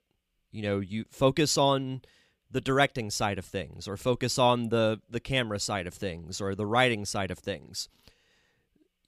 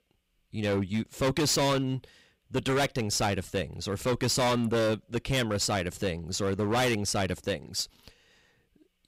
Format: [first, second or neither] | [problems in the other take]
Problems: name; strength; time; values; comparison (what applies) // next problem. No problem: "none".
first | distortion; heavy; 13% of the sound clipped